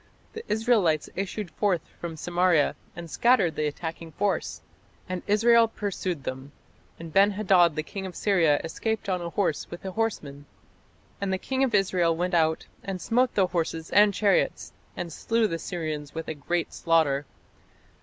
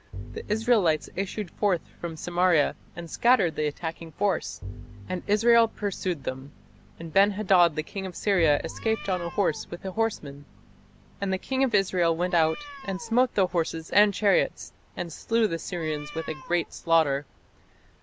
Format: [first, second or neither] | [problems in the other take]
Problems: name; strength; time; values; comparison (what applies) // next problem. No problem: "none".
first | background sound (Meow + Bowed string instrument); 17 dB below the speech